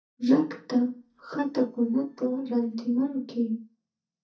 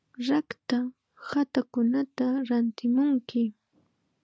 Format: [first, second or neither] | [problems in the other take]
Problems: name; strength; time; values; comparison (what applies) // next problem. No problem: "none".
second | noise reduction (neural mask model DeepFilterNet 3)